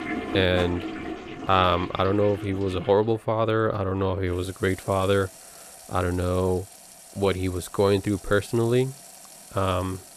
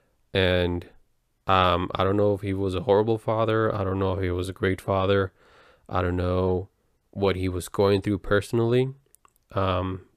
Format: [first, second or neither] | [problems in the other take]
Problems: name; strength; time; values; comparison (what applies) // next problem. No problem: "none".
second | household noises; noticeable; throughout; 15 dB below the speech